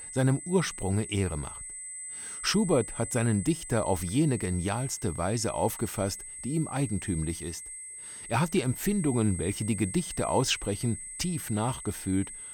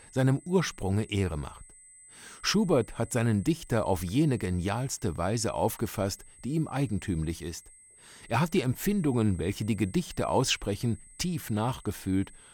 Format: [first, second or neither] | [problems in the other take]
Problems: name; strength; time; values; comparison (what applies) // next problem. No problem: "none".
second | high-pitched whine; loud; throughout; 8.5 kHz, 9 dB below the speech; faint in the second